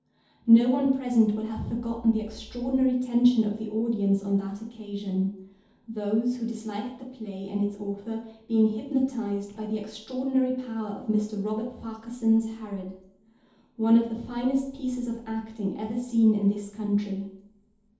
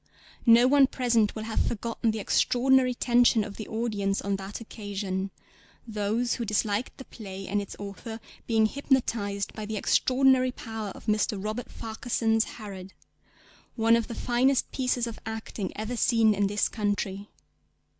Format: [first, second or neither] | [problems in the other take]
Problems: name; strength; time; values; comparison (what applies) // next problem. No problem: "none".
second | room echo; dies away in 0.8 s